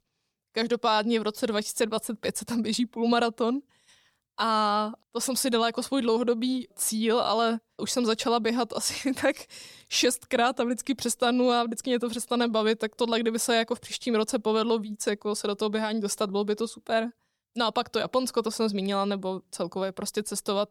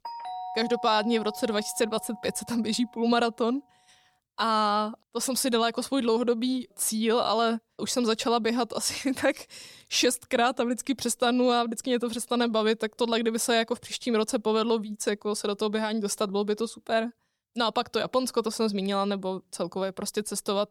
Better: first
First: none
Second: doorbell; noticeable; until 3 s; peak 9 dB below the speech

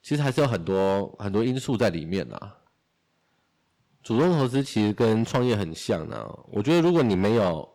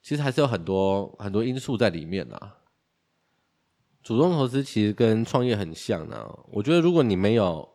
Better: second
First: distortion; slight; 6% of the sound clipped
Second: none

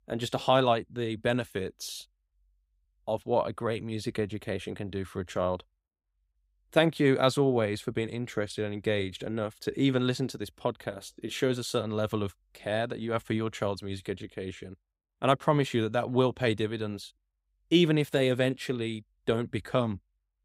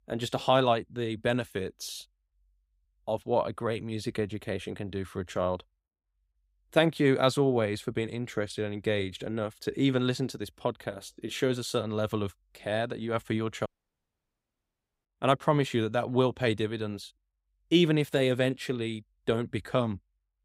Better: first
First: none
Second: audio cutting out; at 14 s for 1.5 s

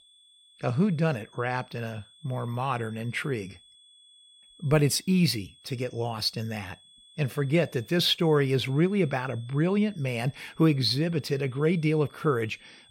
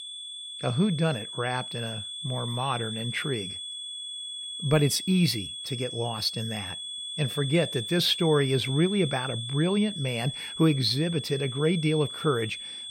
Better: first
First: high-pitched whine; faint; throughout; 3.5 kHz, 25 dB below the speech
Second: high-pitched whine; loud; throughout; 3.5 kHz, 7 dB below the speech

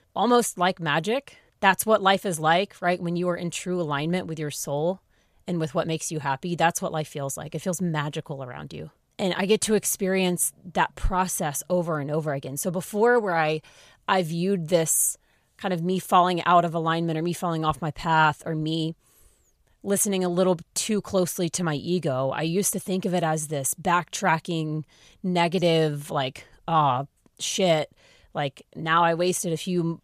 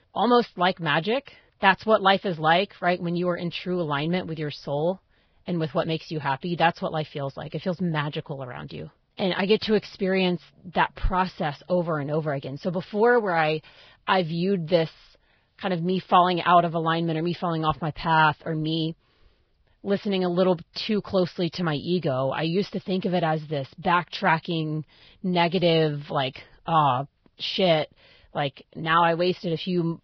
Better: first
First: none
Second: garbled, watery; badly; nothing above 5 kHz

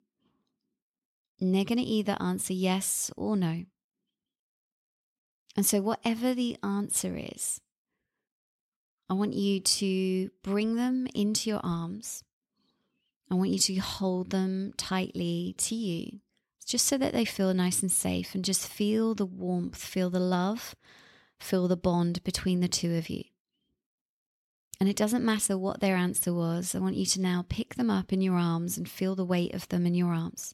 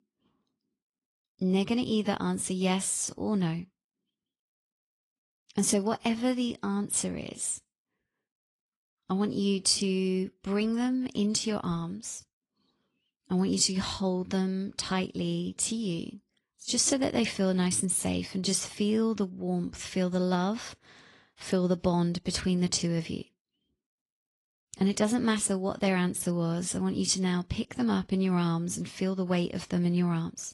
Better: first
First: none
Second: garbled, watery; slightly; nothing above 10.5 kHz

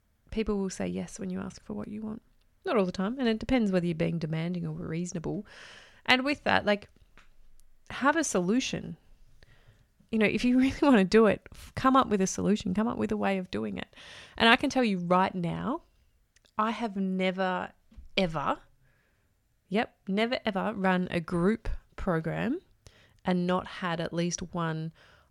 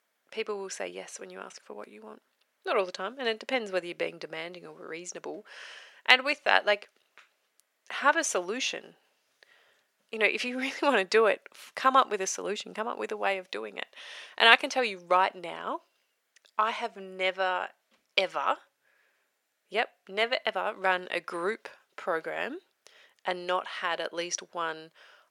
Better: first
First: none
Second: thin; very; fading below 450 Hz

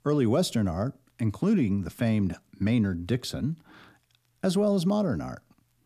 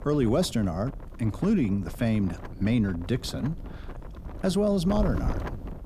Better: first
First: none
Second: wind noise on the microphone; occasional gusts; 15 dB below the speech

